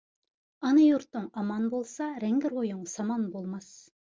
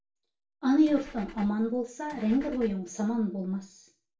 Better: first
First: none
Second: background sound (Engine / Car); 16 dB below the speech // room echo; dies away in 0.3 s

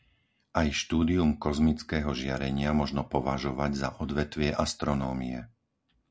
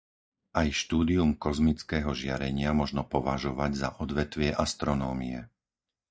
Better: first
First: none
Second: noise reduction (neural mask model DeepFilterNet 3)

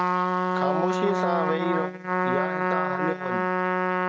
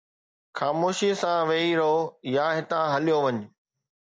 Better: second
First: noise reduction (neural mask model RNNoise)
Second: none

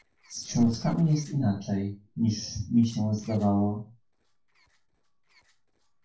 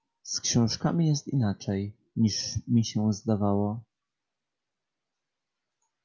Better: second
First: noise reduction (neural separator model SepFormer DNS4)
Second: none

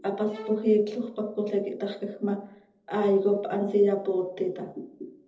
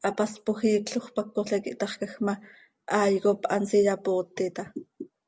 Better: second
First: noise reduction (neural separator model SepFormer DNS4)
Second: none

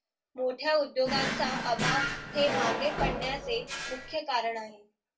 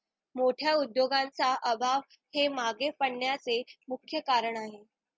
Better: second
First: background sound (Drawer open or close); as loud as the speech // room echo; dies away in 0.2 s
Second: none

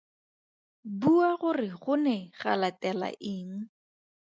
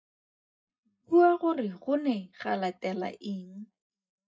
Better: first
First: none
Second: noise reduction (neural mask model DeepFilterNet 3)

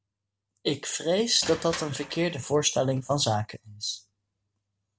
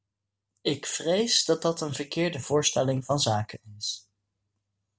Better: second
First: background sound (Crushing); 16 dB below the speech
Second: none

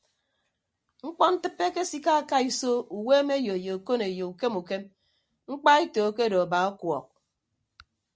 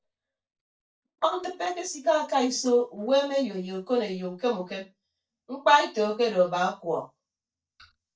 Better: first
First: none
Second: noise reduction (neural mask model DeepFilterNet 3)

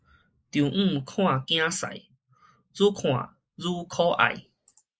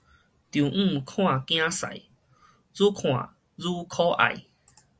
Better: second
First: noise reduction (neural mask model Resemble Enhance denoiser)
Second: none

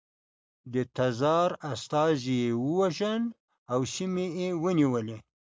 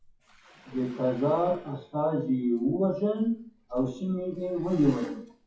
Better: first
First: none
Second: noise reduction (classical method WPE with log-MMSE)

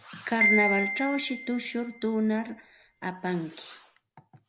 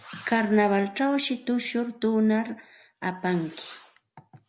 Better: second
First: background sound (Marimba, xylophone); 2 dB below the speech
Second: none

